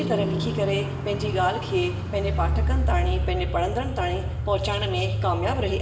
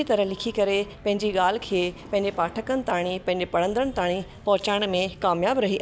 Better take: second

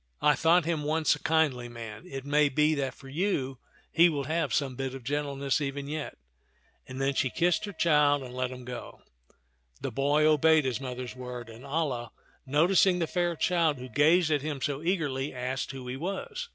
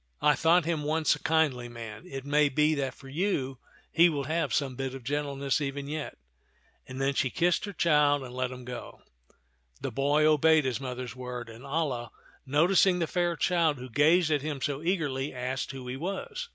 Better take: second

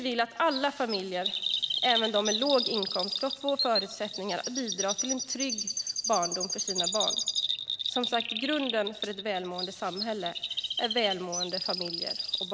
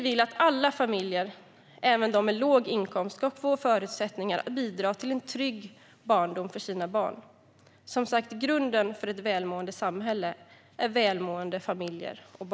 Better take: second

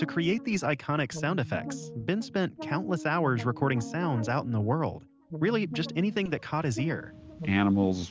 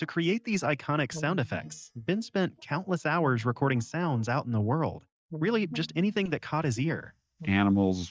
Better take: first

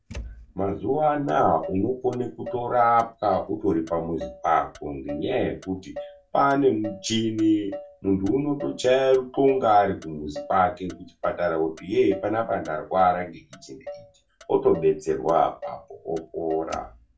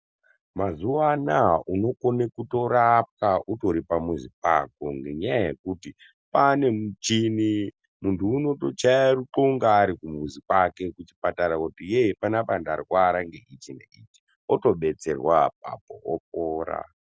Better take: second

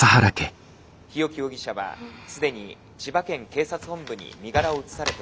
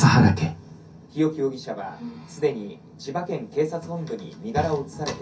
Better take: first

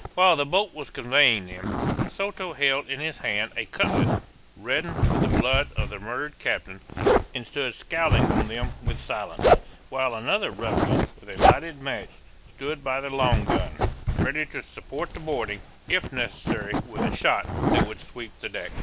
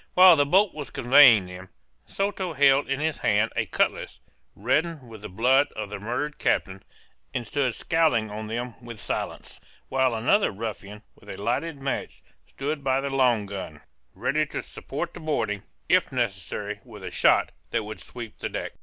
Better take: second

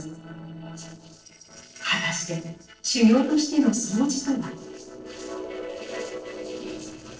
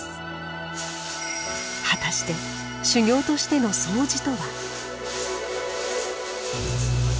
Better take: second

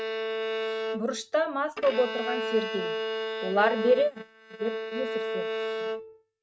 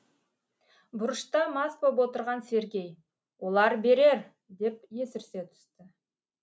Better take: second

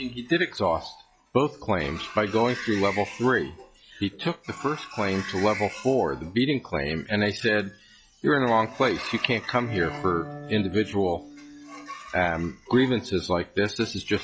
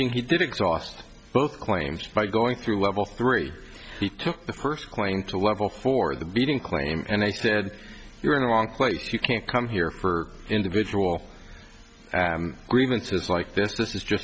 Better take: second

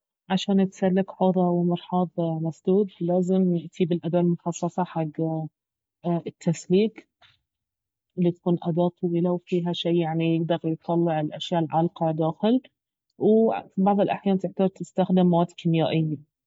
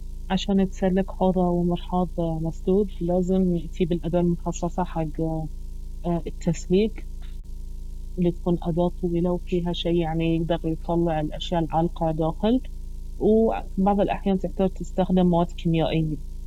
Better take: first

